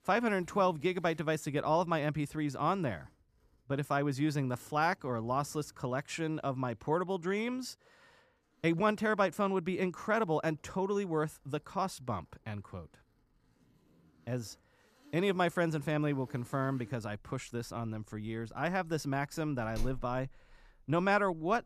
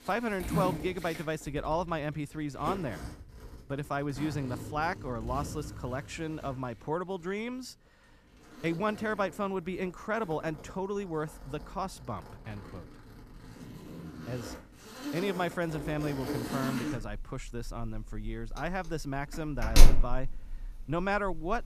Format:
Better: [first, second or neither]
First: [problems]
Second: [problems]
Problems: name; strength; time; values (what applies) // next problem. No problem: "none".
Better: first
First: household noises; faint; throughout; 25 dB below the speech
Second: household noises; loud; throughout; 2 dB below the speech